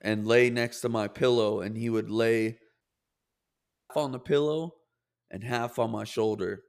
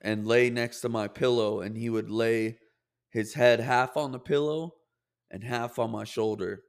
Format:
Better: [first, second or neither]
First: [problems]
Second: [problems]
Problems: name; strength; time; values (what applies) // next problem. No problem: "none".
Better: second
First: audio cutting out; at 3 s for 1 s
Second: none